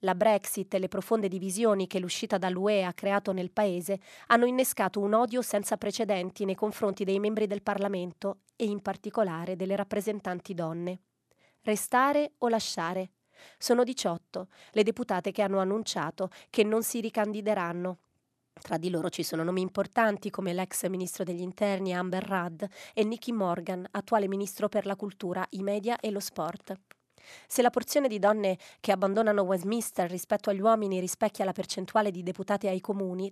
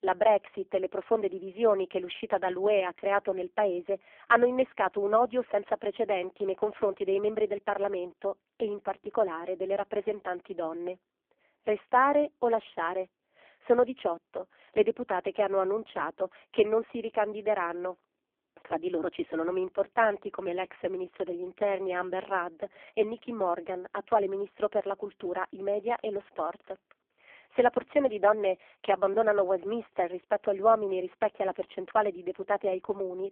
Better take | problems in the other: first | phone-call audio; poor line

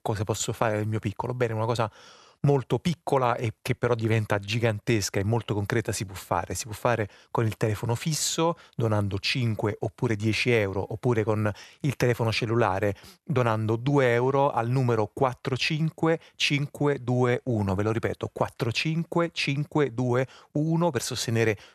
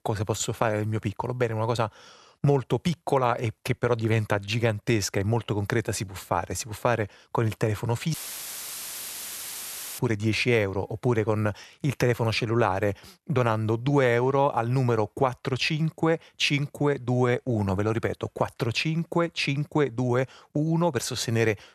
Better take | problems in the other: first | audio cutting out; filled with static; at 8 s for 2 s

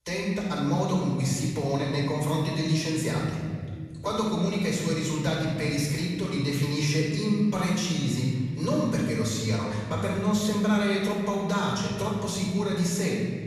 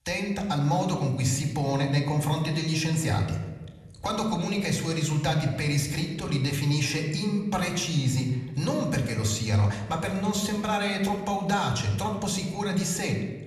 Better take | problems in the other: second | room echo; strong; dies away in 1.9 s; slight in the second // off-mic speech; far

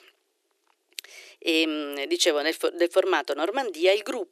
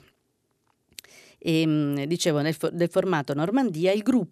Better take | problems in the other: second | thin; very; fading below 350 Hz

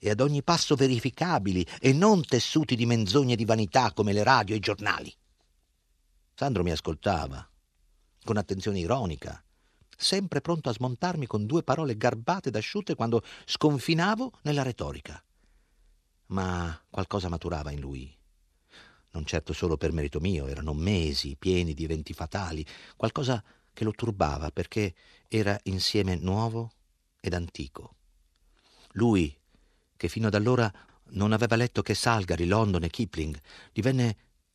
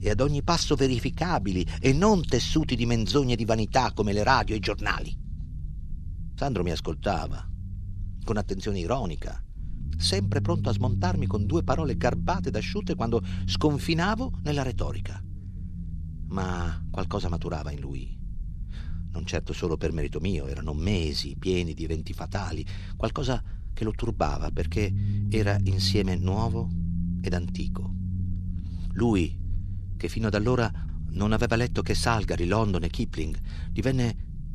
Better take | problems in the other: first | low rumble; noticeable; throughout; 15 dB below the speech

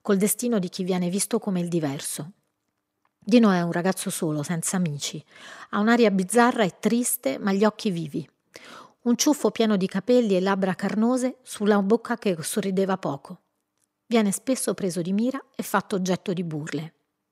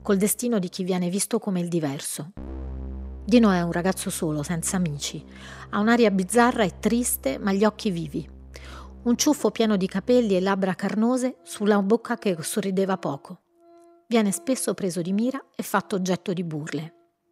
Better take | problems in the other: first | background music; faint; throughout; 20 dB below the speech

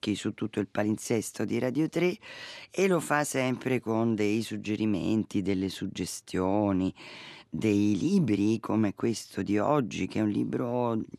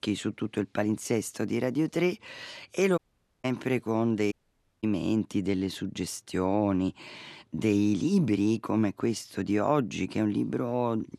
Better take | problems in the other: first | audio cutting out; at 3 s and at 4.5 s for 0.5 s

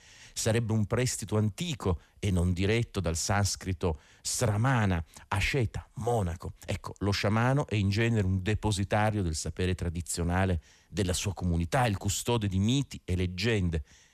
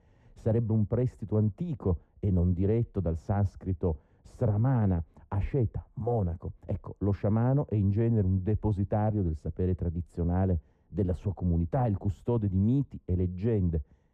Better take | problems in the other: first | muffled; very; fading above 1.5 kHz

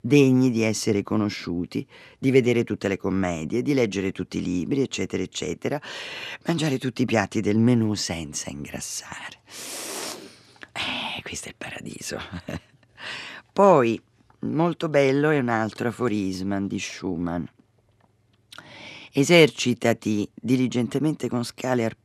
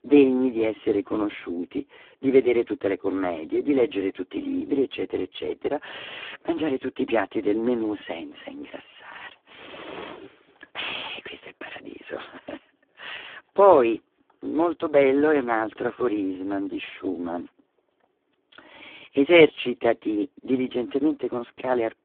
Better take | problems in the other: first | phone-call audio; poor line

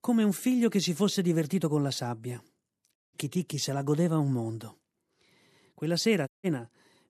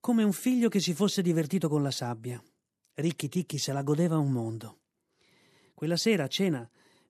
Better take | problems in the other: second | audio cutting out; at 3 s and at 6.5 s

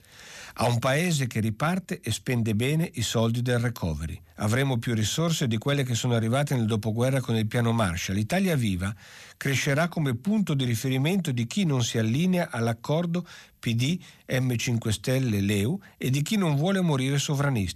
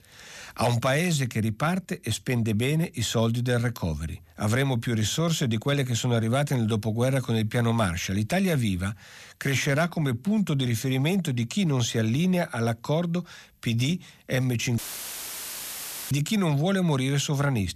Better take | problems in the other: first | audio cutting out; filled with static; at 15 s for 1.5 s

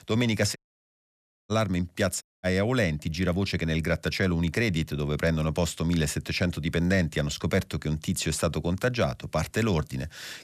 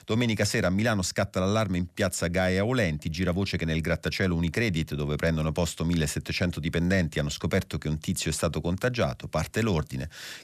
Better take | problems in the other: second | audio cutting out; at 0.5 s for 1 s and at 2 s

